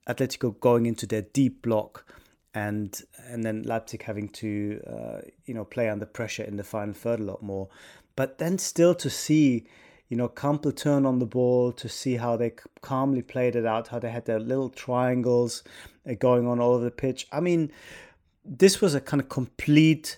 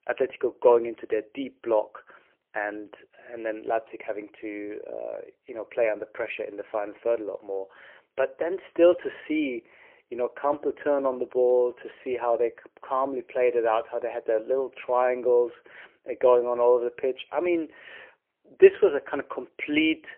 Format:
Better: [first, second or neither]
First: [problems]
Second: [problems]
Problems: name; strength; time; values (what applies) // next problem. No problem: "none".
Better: first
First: none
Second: phone-call audio; poor line; nothing above 3 kHz